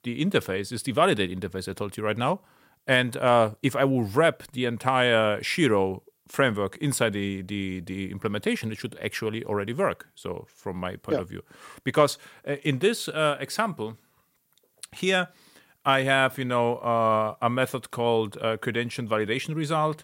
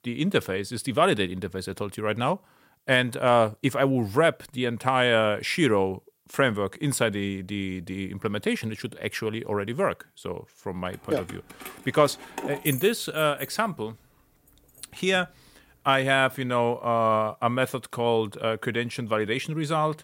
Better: first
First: none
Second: jangling keys; noticeable; from 11 to 15 s; peak 6 dB below the speech

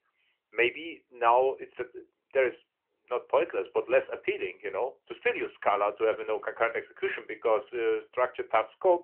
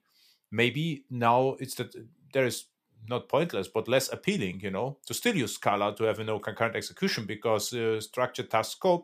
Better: second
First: phone-call audio; nothing above 3 kHz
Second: none

